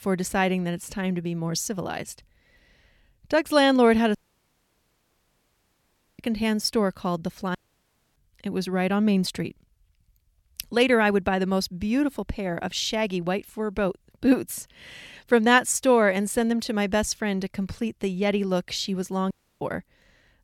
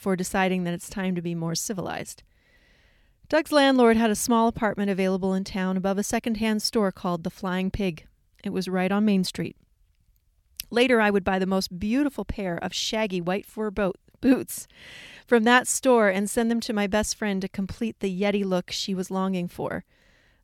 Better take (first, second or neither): second